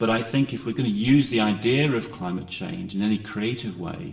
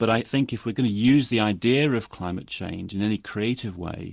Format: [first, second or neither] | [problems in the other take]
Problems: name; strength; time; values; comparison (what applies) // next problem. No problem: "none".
second | room echo; dies away in 0.9 s